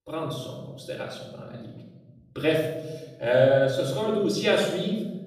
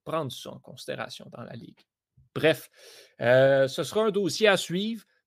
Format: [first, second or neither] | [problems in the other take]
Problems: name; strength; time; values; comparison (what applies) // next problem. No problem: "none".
second | off-mic speech; far // room echo; noticeable; dies away in 1.3 s